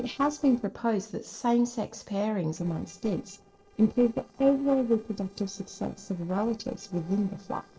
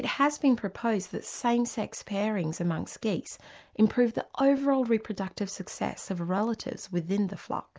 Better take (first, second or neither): second